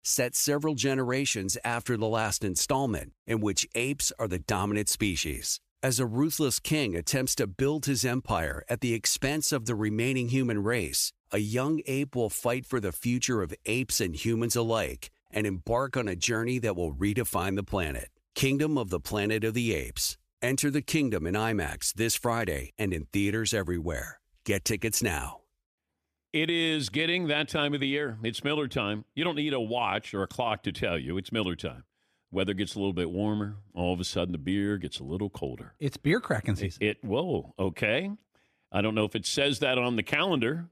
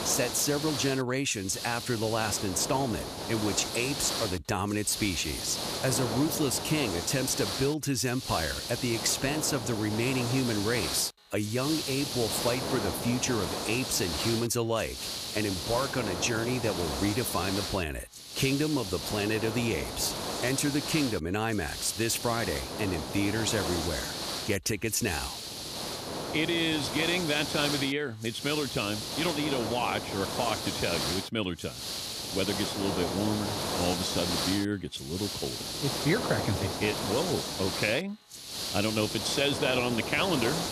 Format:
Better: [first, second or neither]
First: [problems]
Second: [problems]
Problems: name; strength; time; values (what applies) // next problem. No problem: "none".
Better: first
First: none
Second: hiss; loud; throughout; 3 dB below the speech